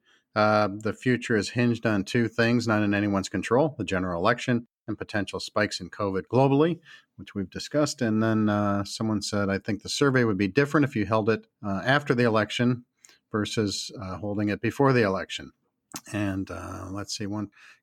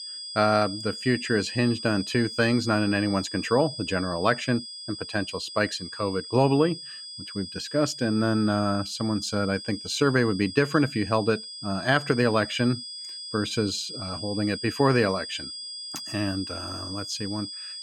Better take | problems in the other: first | high-pitched whine; loud; throughout; 5 kHz, 9 dB below the speech

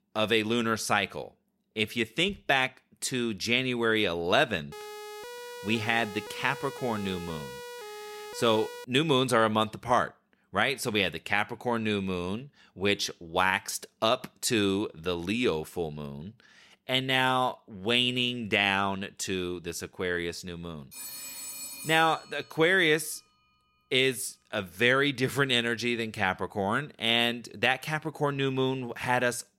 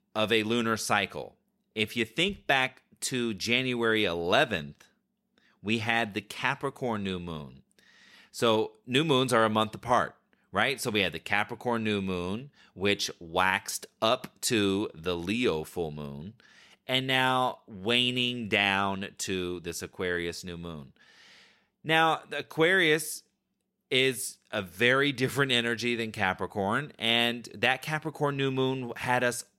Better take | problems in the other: second | siren; faint; from 4.5 to 9 s; peak 15 dB below the speech // phone ringing; noticeable; from 21 to 22 s; peak 9 dB below the speech

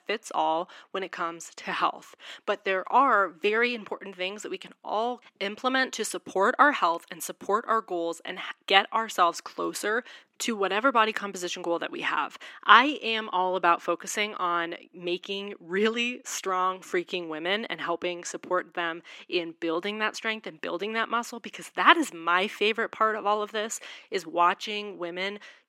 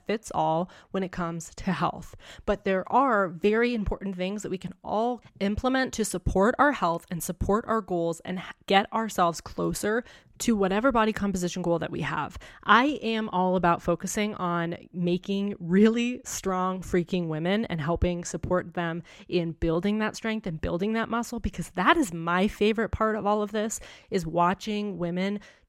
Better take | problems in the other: second | thin; somewhat; fading below 300 Hz

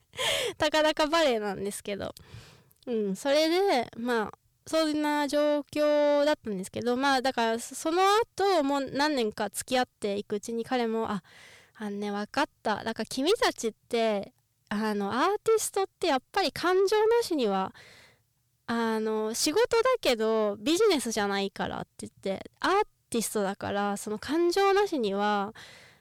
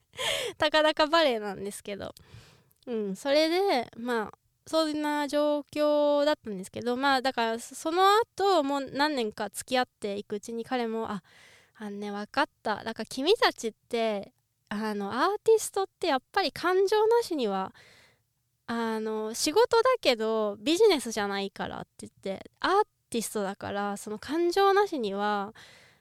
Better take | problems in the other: second | distortion; slight; 10 dB below the speech

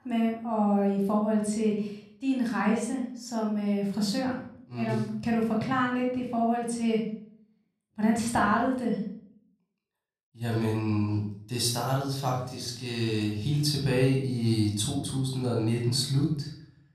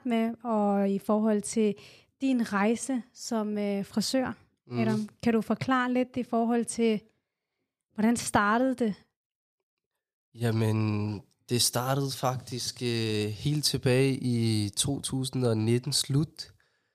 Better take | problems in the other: second | off-mic speech; somewhat distant // room echo; noticeable; dies away in 0.5 s

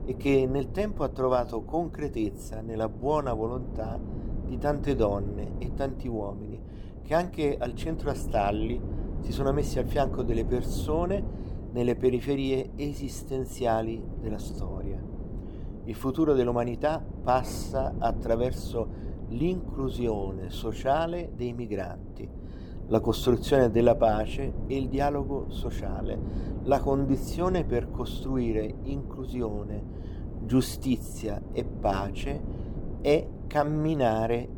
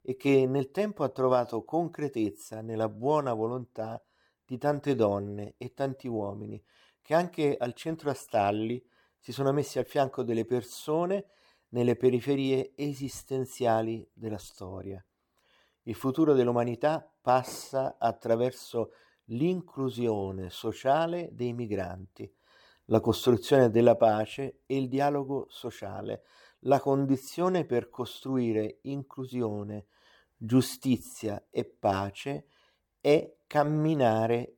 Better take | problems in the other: second | wind noise on the microphone; occasional gusts; 15 dB below the speech

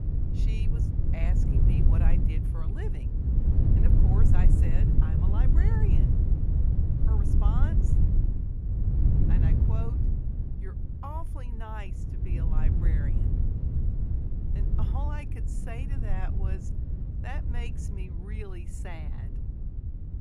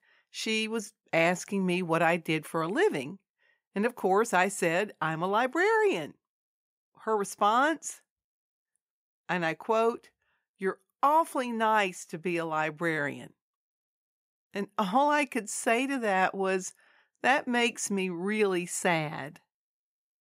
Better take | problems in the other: second | wind noise on the microphone; heavy; 2 dB above the speech

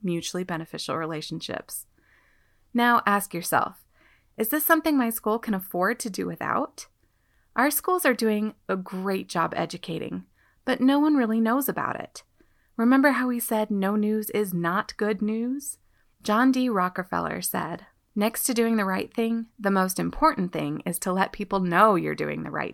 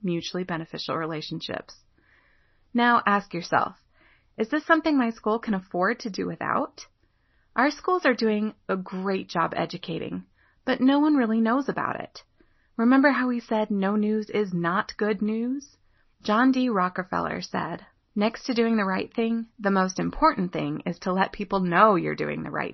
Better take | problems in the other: first | garbled, watery; slightly; nothing above 6 kHz

